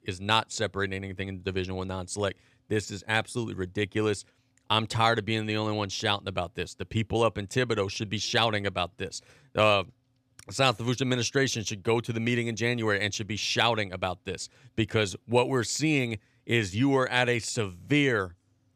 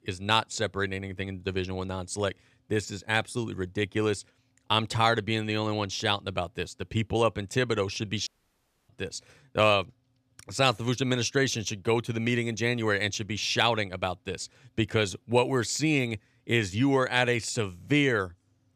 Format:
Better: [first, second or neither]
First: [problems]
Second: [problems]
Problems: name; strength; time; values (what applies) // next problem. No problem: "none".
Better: first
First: none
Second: audio cutting out; at 8.5 s for 0.5 s